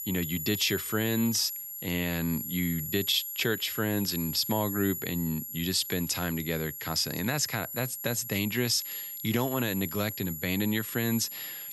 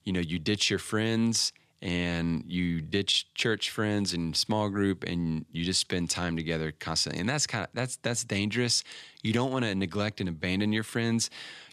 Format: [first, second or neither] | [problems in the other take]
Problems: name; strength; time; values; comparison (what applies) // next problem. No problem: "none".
second | high-pitched whine; loud; throughout; 11.5 kHz, 6 dB below the speech